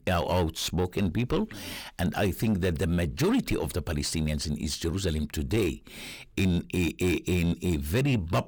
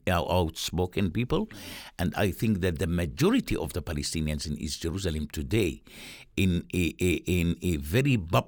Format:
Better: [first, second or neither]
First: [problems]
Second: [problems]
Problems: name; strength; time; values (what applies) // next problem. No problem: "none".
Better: second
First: distortion; slight; 10 dB below the speech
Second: none